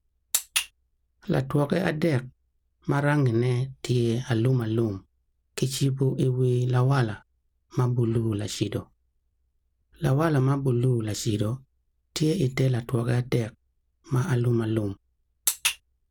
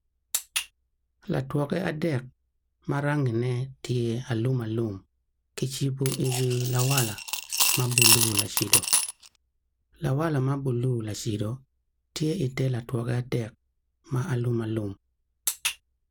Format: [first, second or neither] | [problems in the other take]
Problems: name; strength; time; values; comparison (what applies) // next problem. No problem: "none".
first | background sound (Coin (dropping) / Glass); 4 dB above the speech